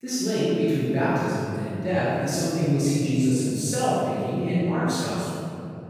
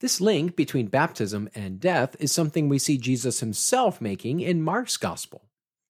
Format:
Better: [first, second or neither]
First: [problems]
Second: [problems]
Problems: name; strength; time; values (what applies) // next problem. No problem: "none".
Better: second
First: room echo; strong; dies away in 3 s // off-mic speech; far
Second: none